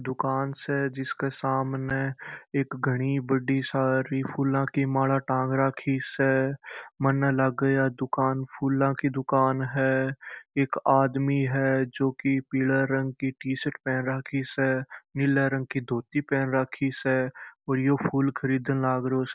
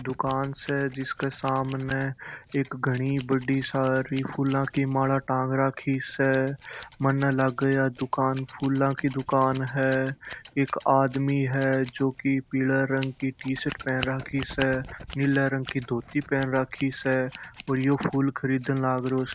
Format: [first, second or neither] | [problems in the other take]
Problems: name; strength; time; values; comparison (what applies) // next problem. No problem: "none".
first | background sound (Scissors); 20 dB below the speech